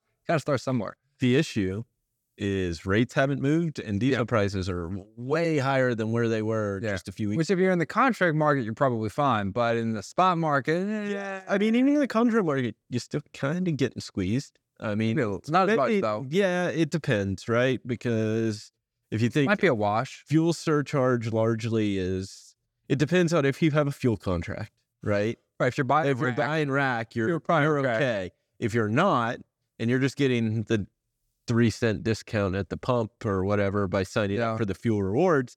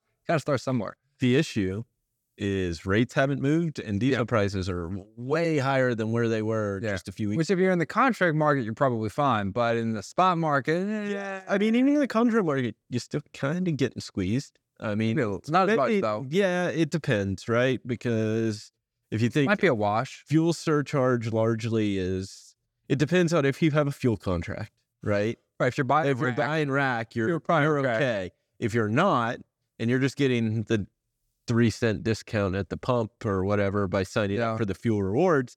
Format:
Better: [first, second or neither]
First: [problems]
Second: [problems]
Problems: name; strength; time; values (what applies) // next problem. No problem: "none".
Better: neither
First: none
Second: none